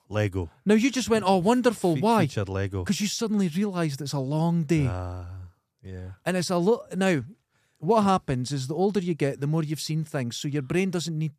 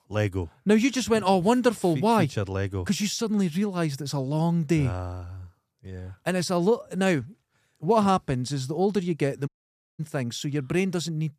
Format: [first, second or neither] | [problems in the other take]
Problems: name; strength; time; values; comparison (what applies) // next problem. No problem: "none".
first | audio cutting out; at 9.5 s for 0.5 s